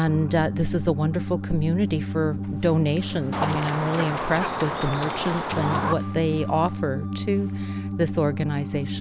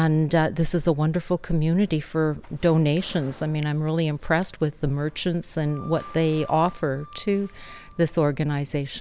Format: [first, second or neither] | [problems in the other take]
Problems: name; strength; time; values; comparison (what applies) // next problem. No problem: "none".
second | background sound (Organ + Chicken, rooster); 4 dB below the speech